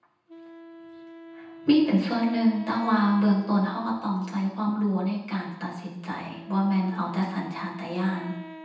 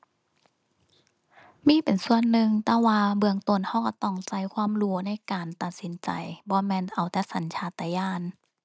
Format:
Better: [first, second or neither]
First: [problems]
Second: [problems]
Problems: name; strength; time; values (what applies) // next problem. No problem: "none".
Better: second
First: background sound (Wind instrument, woodwind instrument); 18 dB below the speech // room echo; dies away in 0.9 s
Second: none